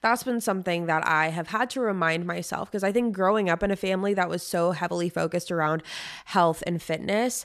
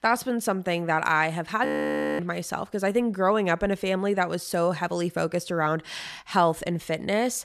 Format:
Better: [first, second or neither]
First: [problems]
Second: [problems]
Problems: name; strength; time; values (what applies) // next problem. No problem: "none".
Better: first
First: none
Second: audio freezing; at 1.5 s for 0.5 s